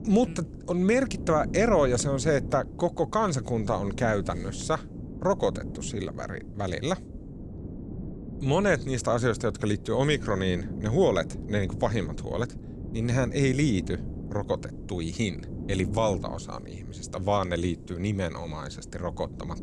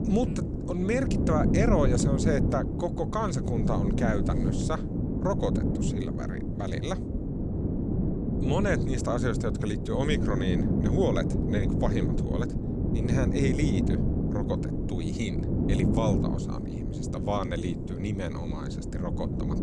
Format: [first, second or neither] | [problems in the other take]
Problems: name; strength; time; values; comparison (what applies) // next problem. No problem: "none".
first | wind noise on the microphone; heavy; 3 dB below the speech; occasional gusts in the first